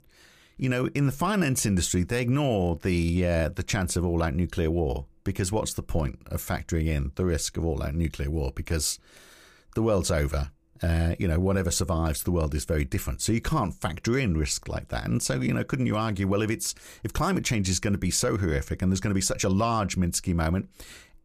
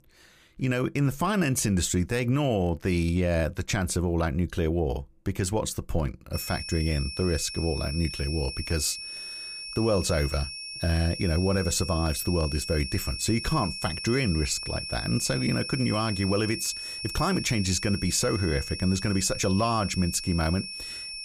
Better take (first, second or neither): first